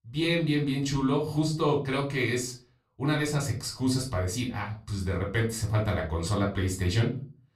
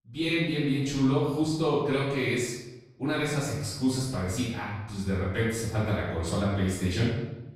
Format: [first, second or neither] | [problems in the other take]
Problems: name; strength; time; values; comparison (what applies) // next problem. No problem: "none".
first | room echo; strong; dies away in 0.8 s; slight in the first // off-mic speech; far; far in the first